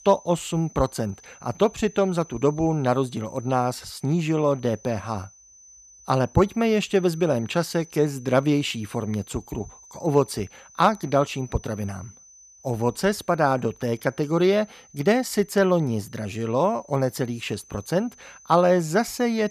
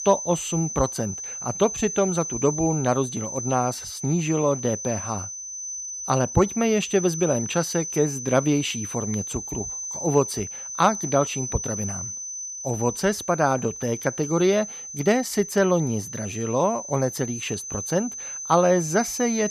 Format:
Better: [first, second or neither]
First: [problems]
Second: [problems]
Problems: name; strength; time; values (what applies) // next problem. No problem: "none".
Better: first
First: high-pitched whine; faint; throughout; 6 kHz, 25 dB below the speech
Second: high-pitched whine; loud; throughout; 6 kHz, 7 dB below the speech